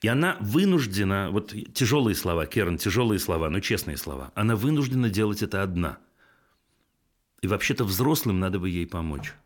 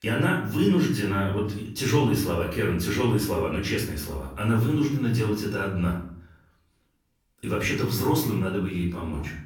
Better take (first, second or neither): first